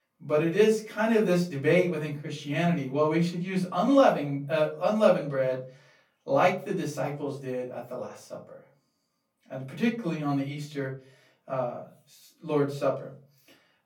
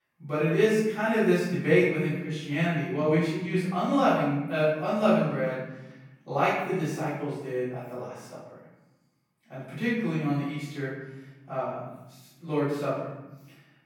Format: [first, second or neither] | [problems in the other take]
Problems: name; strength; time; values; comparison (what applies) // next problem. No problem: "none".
first | room echo; strong; dies away in 1 s; slight in the first // off-mic speech; far; far in the first